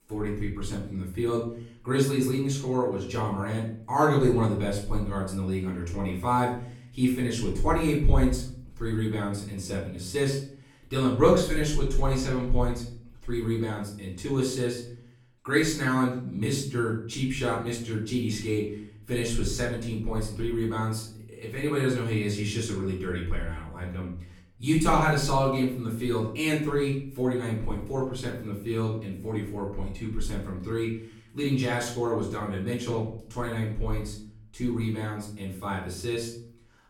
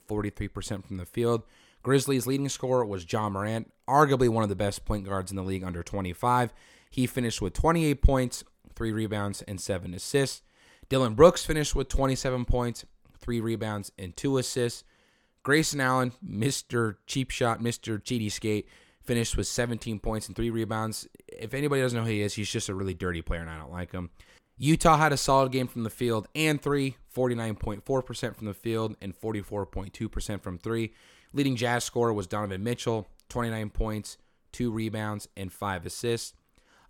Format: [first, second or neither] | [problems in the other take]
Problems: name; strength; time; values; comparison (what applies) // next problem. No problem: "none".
second | off-mic speech; far // room echo; noticeable; dies away in 0.5 s